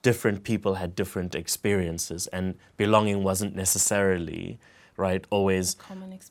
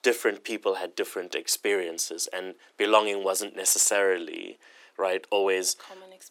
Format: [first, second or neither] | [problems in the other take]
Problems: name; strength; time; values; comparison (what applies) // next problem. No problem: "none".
first | thin; very; fading below 300 Hz